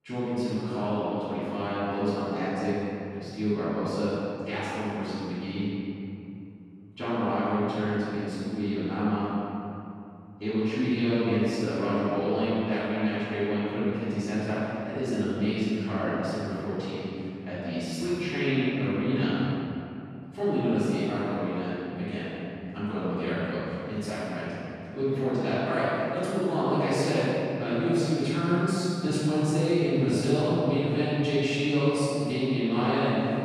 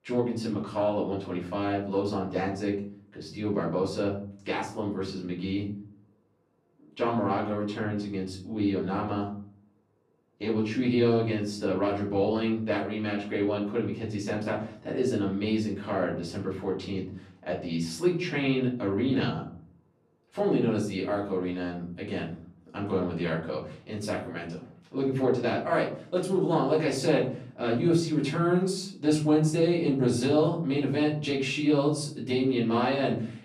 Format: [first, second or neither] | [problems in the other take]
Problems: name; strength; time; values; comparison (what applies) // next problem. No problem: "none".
second | room echo; strong; dies away in 2.6 s; slight in the second // off-mic speech; far; far in the second